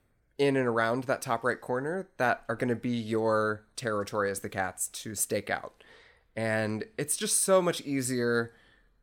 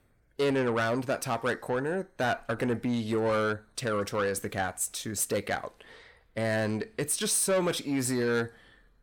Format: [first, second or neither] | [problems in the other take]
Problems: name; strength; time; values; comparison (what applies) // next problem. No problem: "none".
first | distortion; slight; 10 dB below the speech